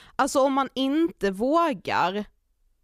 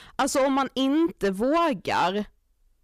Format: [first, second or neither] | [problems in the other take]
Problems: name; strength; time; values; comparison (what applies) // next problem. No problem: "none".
first | distortion; slight; 10 dB below the speech